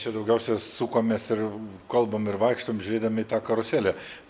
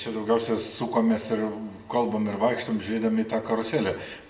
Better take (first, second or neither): first